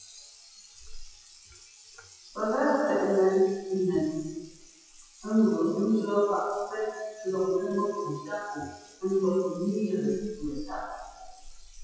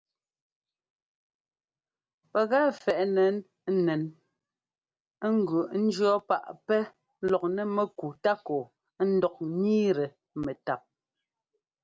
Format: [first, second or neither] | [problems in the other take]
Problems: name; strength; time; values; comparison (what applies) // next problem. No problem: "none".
second | noise reduction (classical method WPE with log-MMSE)